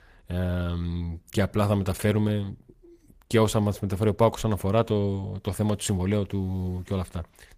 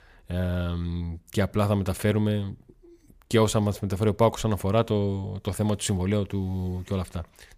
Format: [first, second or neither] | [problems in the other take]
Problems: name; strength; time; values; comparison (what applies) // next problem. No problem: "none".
second | garbled, watery; slightly; nothing above 15 kHz